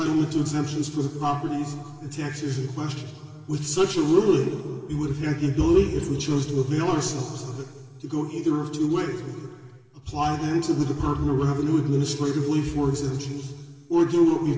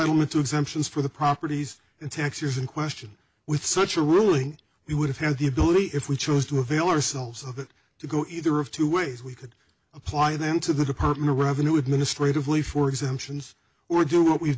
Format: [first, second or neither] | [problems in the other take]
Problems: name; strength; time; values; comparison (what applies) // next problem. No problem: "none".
second | room echo; dies away in 1.8 s